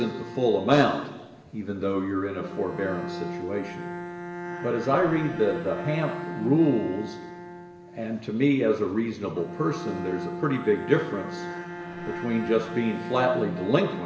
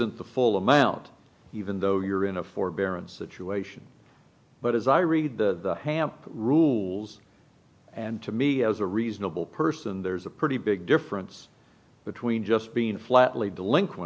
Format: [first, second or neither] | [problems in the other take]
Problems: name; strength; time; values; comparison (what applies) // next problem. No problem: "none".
second | background sound (Bowed string instrument); 10 dB below the speech // room echo; dies away in 1.3 s